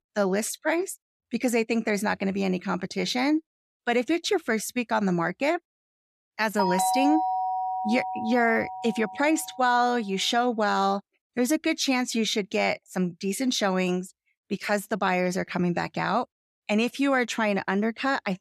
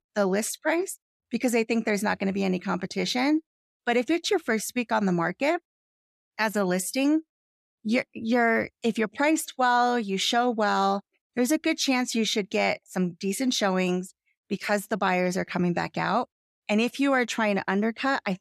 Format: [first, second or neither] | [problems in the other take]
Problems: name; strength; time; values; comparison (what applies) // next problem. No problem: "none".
second | doorbell; loud; from 6.5 to 9.5 s; peak 1 dB above the speech